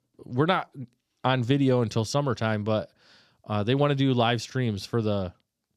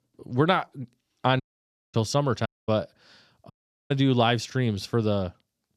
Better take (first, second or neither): first